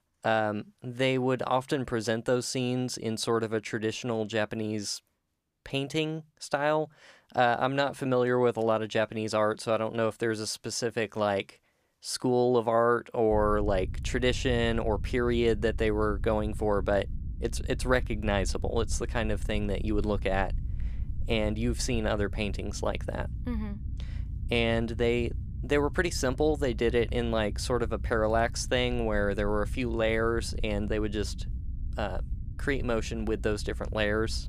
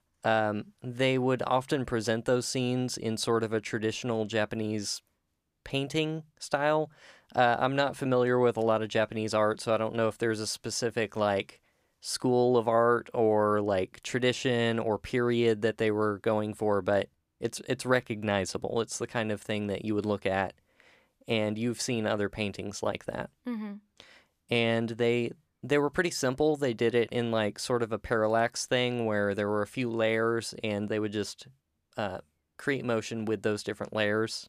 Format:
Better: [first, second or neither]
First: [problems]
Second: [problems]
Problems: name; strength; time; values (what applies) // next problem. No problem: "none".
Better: second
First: low rumble; faint; from 13 s on; 25 dB below the speech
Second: none